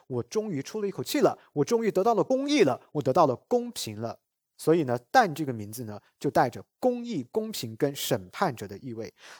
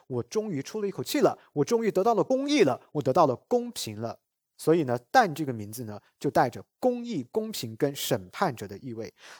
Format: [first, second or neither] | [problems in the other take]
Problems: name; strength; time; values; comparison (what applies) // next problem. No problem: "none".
neither | none